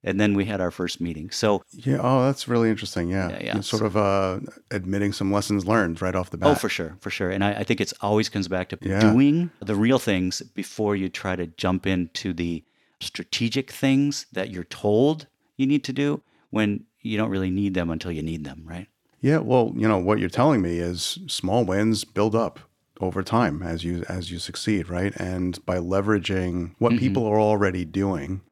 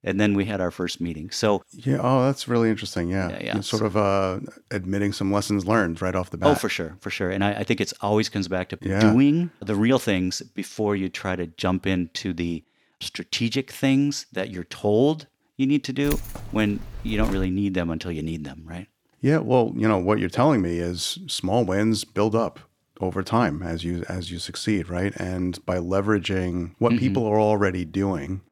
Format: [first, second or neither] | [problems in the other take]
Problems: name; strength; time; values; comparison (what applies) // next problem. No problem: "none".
first | jangling keys; noticeable; from 16 to 17 s; peak 9 dB below the speech